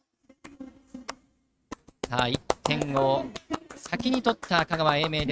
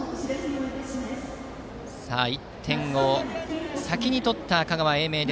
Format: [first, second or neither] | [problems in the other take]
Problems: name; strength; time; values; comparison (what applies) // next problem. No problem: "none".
second | noise reduction (neural mask model RNNoise)